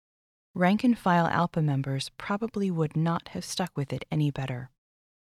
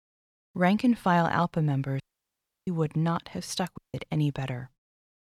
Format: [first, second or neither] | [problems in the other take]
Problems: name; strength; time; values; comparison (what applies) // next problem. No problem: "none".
first | audio cutting out; at 2 s for 0.5 s and at 4 s